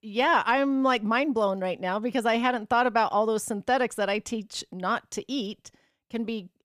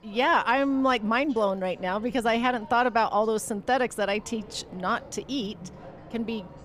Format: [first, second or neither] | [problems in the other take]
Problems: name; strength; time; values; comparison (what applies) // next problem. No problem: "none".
first | train or aircraft noise; faint; throughout; 20 dB below the speech